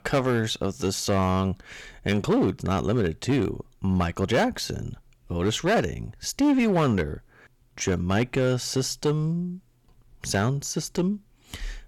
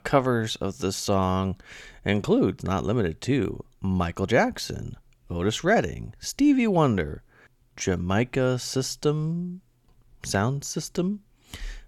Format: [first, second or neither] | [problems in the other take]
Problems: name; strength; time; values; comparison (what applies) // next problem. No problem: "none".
second | distortion; slight; 6% of the sound clipped